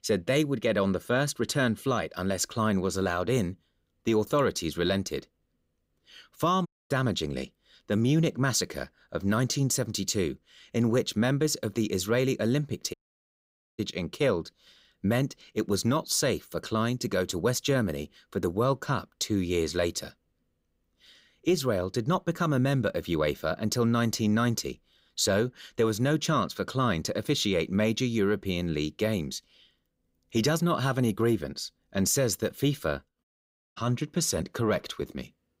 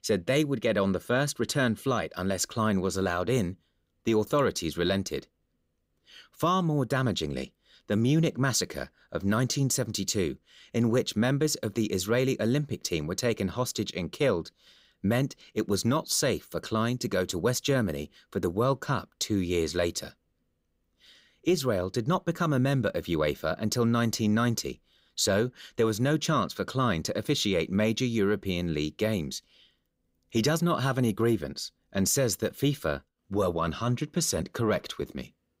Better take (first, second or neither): second